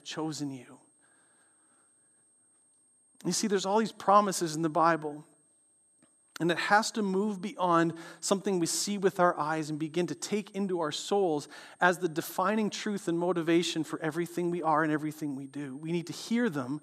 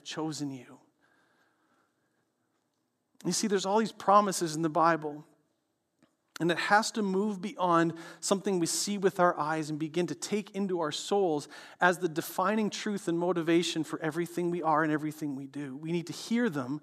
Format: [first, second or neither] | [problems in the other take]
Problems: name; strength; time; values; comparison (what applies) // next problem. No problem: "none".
second | high-pitched whine; faint; throughout; 8.5 kHz, 35 dB below the speech